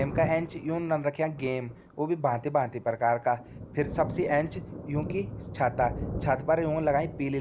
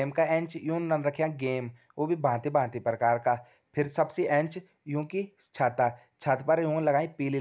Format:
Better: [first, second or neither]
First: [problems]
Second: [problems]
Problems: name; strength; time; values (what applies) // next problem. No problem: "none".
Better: second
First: background sound (Thunder); 10 dB below the speech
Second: none